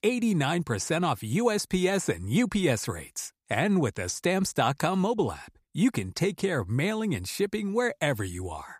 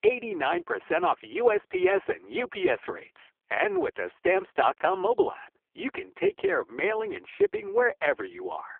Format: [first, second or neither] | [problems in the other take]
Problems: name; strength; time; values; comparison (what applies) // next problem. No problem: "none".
first | phone-call audio; poor line